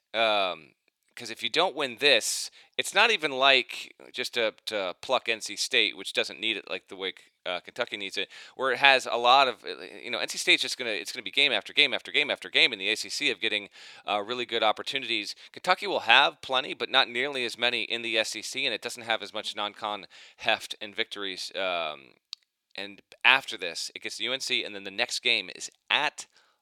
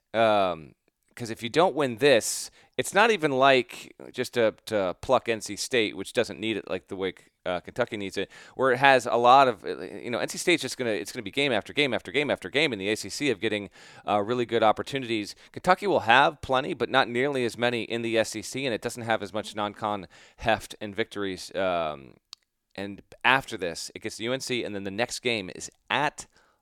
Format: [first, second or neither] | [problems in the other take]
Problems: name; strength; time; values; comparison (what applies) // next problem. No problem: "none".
second | thin; very slightly; fading below 550 Hz